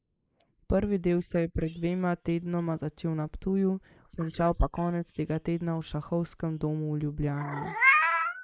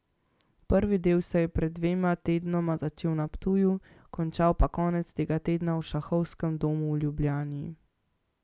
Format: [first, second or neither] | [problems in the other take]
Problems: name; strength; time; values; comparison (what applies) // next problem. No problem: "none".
second | noise reduction (neural mask model Resemble Enhance denoiser)